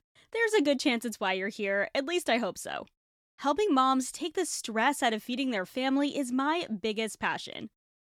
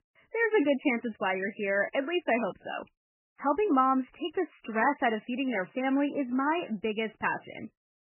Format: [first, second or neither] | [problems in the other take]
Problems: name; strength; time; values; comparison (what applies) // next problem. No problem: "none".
first | garbled, watery; badly; nothing above 3 kHz